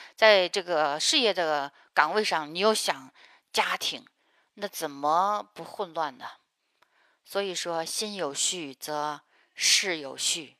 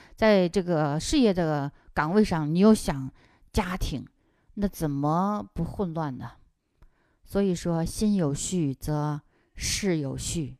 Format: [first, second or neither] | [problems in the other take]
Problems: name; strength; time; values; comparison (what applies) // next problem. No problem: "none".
second | thin; very; fading below 650 Hz